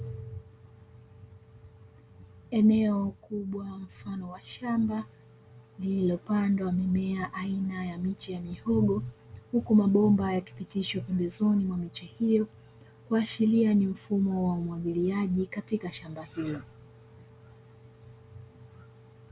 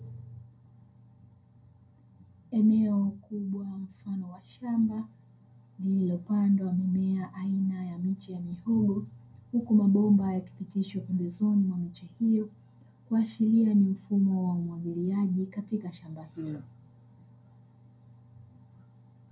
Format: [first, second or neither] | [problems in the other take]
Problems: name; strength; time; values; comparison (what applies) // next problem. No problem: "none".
first | room echo; dies away in 0.2 s